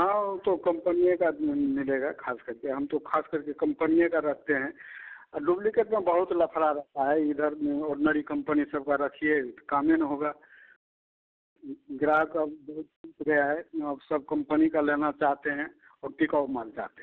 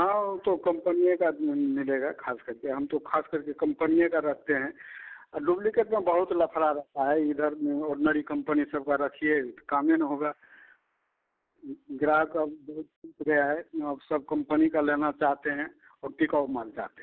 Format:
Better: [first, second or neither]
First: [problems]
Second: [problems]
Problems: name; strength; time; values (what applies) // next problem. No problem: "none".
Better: first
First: none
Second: noise reduction (neural mask model Resemble Enhance denoiser)